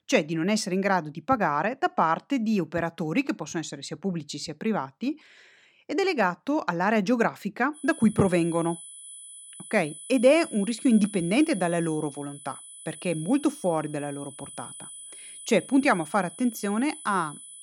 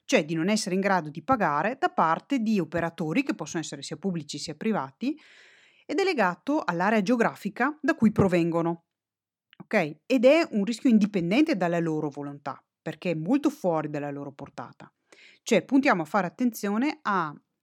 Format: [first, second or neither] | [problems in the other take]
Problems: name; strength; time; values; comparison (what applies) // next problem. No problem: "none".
second | high-pitched whine; noticeable; from 8 s on; 10 kHz, 15 dB below the speech